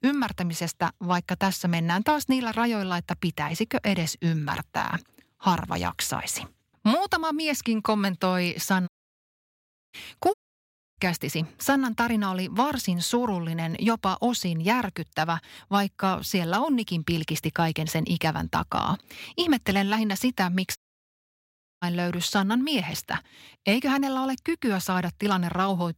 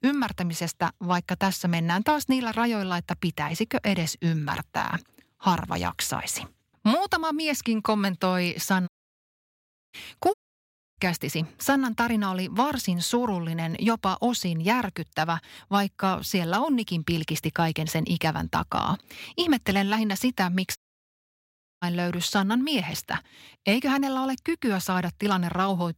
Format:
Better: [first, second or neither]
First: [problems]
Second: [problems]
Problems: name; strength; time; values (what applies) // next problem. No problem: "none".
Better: neither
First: audio cutting out; at 9 s for 1 s, at 10 s for 0.5 s and at 21 s for 1 s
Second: audio cutting out; at 9 s for 1 s, at 10 s for 0.5 s and at 21 s for 1 s